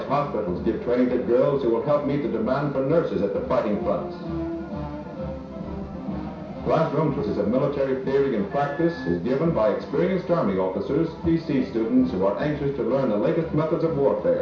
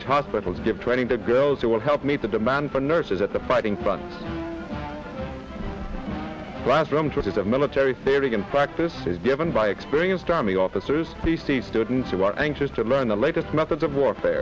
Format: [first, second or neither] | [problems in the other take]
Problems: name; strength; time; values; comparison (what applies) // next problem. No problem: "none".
second | background sound (Wind instrument, woodwind instrument); 19 dB below the speech // room echo; dies away in 0.6 s